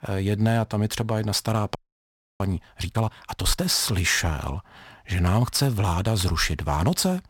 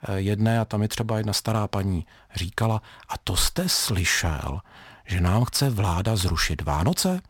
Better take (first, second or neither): second